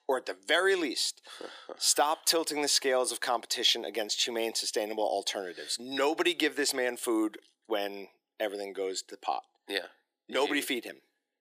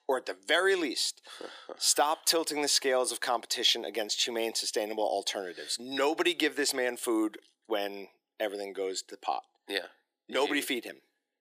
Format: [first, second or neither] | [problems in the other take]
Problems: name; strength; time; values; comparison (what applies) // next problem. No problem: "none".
neither | thin; very; fading below 300 Hz; the same in both